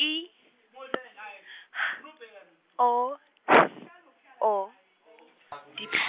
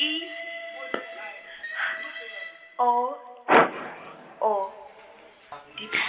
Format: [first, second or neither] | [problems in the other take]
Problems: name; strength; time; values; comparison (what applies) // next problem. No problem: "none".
first | background sound (Train); 14 dB below the speech // room echo; dies away in 2.2 s